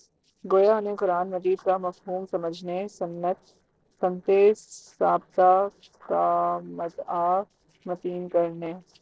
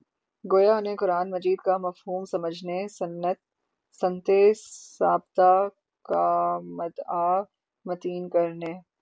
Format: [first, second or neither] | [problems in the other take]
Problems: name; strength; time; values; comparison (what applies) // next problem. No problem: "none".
second | noise reduction (neural separator model SepFormer DNS4)